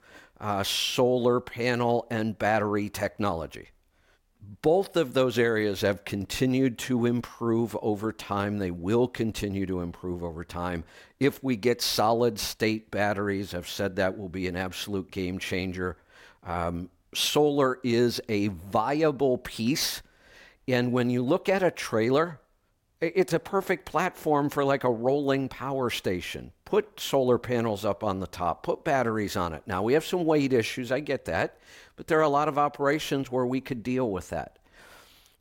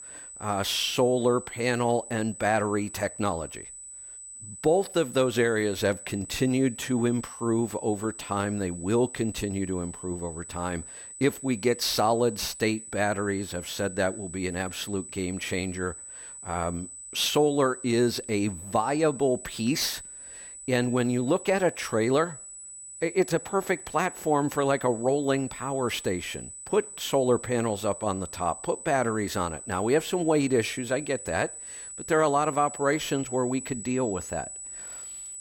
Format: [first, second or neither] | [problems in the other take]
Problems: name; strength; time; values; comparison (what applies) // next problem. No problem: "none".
first | high-pitched whine; noticeable; throughout; 8 kHz, 10 dB below the speech